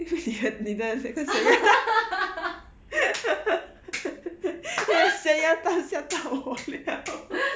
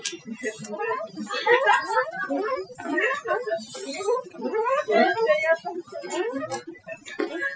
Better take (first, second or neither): first